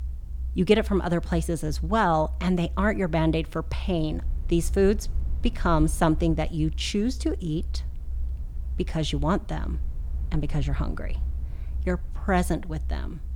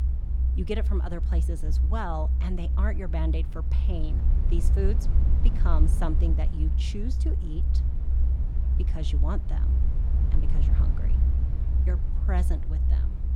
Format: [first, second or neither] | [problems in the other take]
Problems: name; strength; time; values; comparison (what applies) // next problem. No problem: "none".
first | low rumble; loud; throughout; 6 dB below the speech; faint in the first